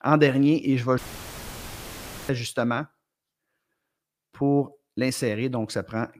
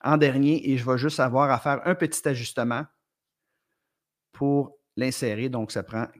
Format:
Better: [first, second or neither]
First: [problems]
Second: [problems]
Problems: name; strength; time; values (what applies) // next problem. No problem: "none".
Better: second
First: audio cutting out; filled with static; at 1 s for 1.5 s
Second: none